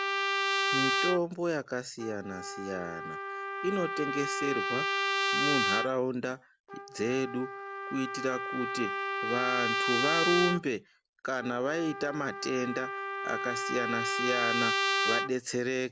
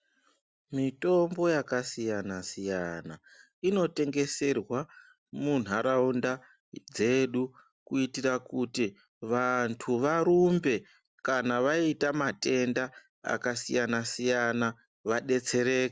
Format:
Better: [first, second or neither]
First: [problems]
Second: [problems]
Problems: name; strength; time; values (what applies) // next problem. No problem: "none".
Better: second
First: background sound (Trumpet); 1 dB above the speech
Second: none